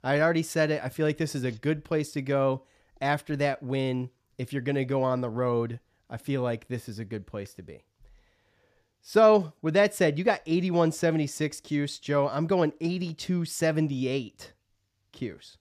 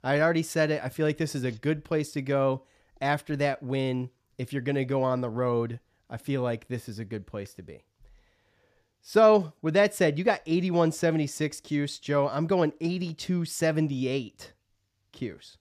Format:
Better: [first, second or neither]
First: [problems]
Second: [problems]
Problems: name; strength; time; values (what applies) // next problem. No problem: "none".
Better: neither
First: none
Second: none